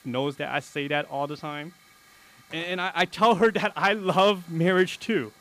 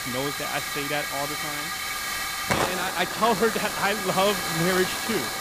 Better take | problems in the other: first | hiss; loud; throughout; as loud as the speech; faint in the first

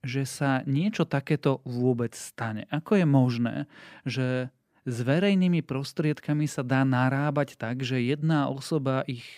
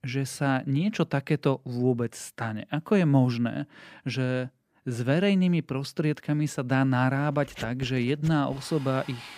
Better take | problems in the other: first | household noises; noticeable; from 7 s on; 20 dB below the speech

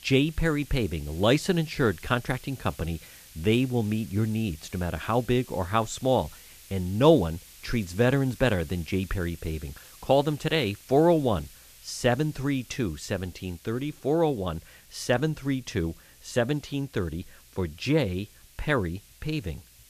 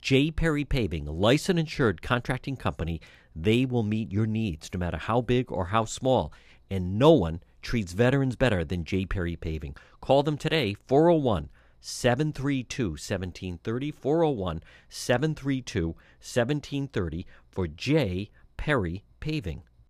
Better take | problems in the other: second | hiss; faint; throughout; 20 dB below the speech

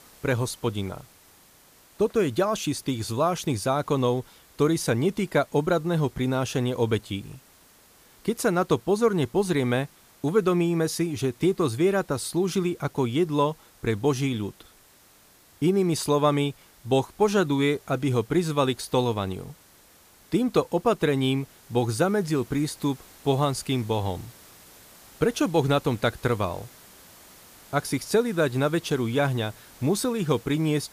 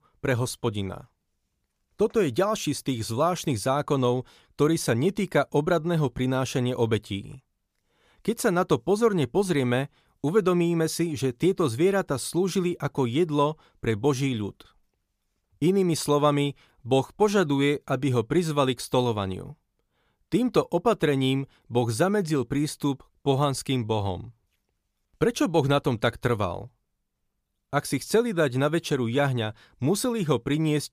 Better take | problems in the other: second | hiss; faint; throughout; 25 dB below the speech

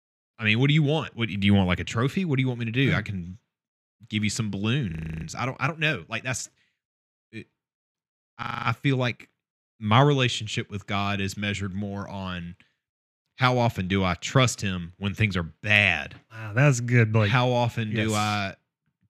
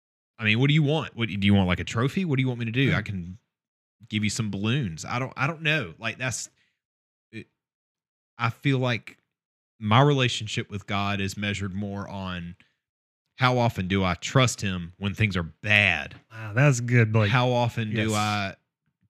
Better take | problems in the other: second | audio freezing; at 5 s and at 8.5 s

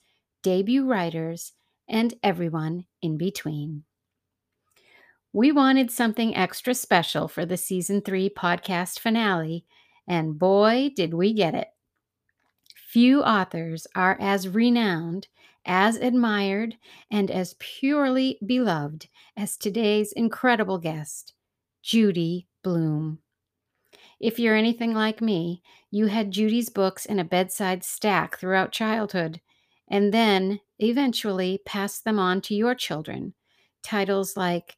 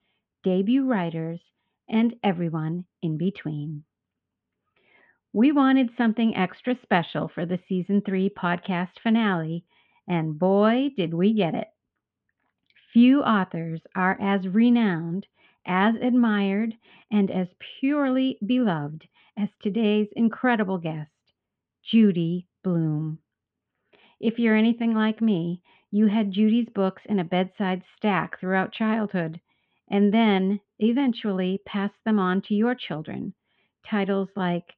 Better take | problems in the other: first | muffled; very; fading above 3 kHz

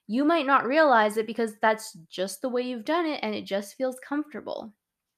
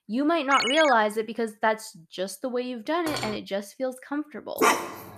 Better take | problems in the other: first | phone ringing; loud; at 0.5 s; peak 1 dB above the speech // clattering dishes; noticeable; at 3 s; peak 7 dB below the speech // dog barking; loud; at 4.5 s; peak 4 dB above the speech

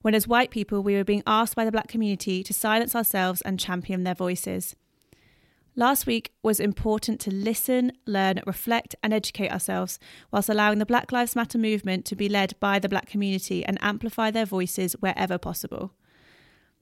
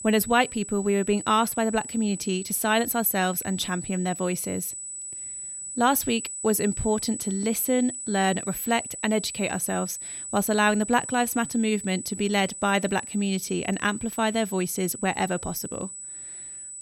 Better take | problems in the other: first | high-pitched whine; loud; throughout; 8 kHz, 9 dB below the speech

